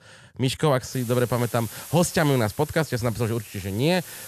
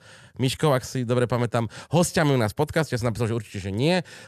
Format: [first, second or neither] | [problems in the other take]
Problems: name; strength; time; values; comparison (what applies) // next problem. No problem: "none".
second | hiss; noticeable; from 1 s on; 15 dB below the speech